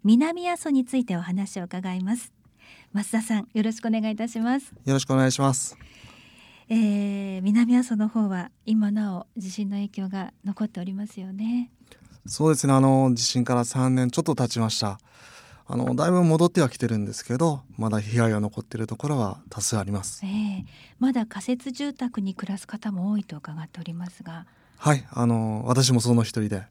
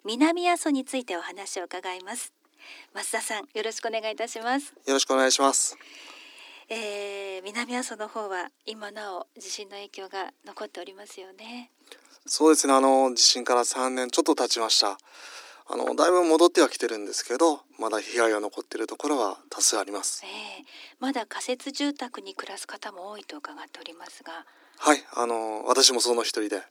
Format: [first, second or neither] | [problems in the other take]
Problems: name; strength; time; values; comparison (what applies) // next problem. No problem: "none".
first | thin; very; fading below 300 Hz